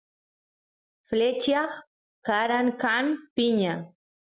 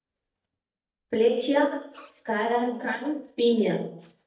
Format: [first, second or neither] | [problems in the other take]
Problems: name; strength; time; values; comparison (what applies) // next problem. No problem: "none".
first | noise reduction (neural mask model DeepFilterNet 3)